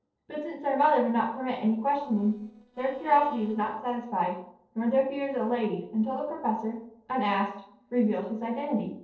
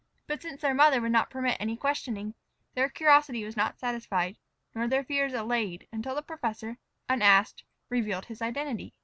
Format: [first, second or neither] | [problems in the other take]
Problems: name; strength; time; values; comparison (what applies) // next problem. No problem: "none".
second | noise reduction (neural separator model SepFormer DNS4)